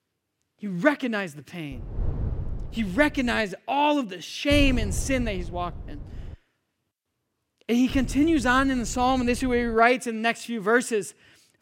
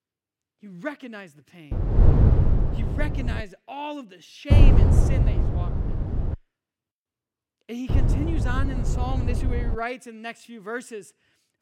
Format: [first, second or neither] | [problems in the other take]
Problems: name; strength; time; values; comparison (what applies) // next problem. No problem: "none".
first | wind noise on the microphone; heavy; from 1.5 to 3.5 s, from 4.5 to 6.5 s and from 8 to 10 s; as loud as the speech; occasional gusts in the first